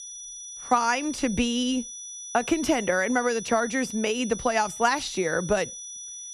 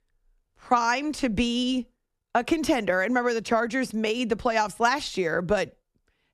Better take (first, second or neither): second